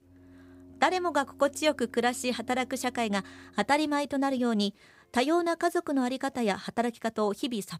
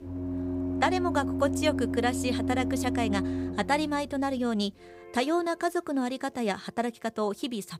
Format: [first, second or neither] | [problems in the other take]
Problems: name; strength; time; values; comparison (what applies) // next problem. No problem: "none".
first | background music; loud; throughout; 2 dB below the speech; faint in the first